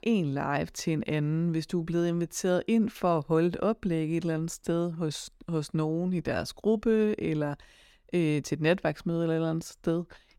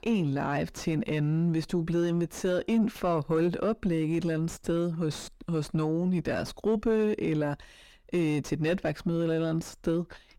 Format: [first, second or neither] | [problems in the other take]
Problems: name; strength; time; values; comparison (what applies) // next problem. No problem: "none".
first | distortion; slight; 9 dB below the speech